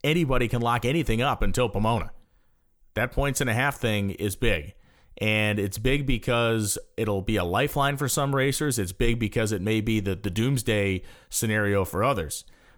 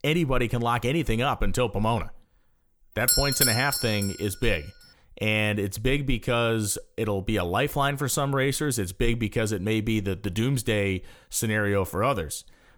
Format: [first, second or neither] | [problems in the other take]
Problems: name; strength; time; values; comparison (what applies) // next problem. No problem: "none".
first | doorbell; loud; at 3 s; peak 6 dB above the speech